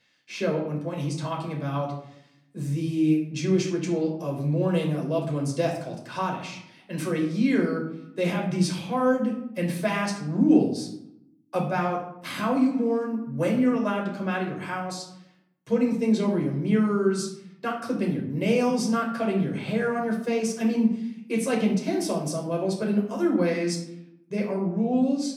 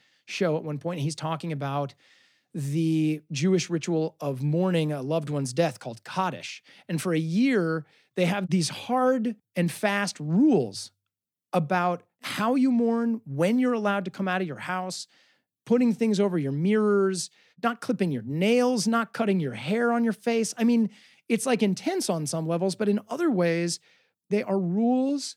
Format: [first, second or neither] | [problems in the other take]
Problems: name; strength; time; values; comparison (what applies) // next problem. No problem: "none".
second | off-mic speech; somewhat distant // room echo; slight; dies away in 0.6 s